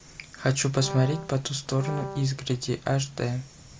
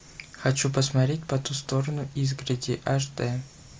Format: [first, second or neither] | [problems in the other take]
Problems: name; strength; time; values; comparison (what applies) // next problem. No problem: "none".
second | background sound (Brass instrument); 11 dB below the speech